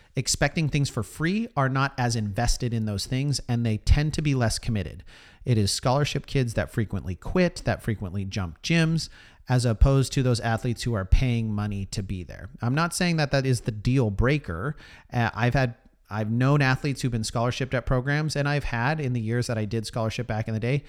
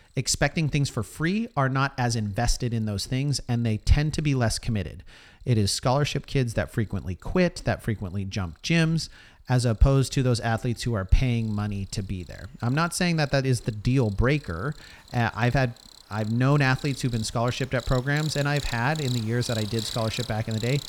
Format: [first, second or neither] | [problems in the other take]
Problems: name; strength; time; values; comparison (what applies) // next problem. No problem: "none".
first | animal sounds; noticeable; throughout; 15 dB below the speech